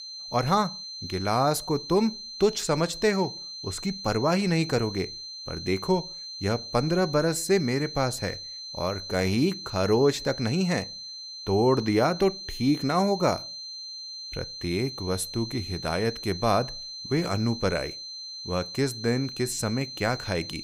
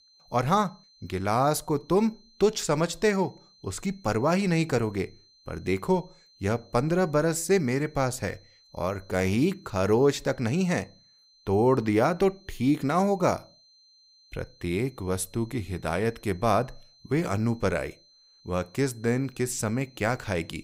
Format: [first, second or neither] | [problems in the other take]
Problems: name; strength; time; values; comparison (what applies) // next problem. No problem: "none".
second | high-pitched whine; loud; throughout; 4 kHz, 9 dB below the speech; faint in the second